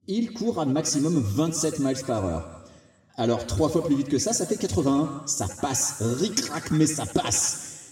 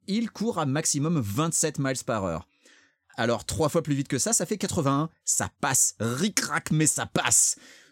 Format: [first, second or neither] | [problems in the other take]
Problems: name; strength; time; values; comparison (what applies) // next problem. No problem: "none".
second | room echo; noticeable; dies away in 1.3 s // off-mic speech; somewhat distant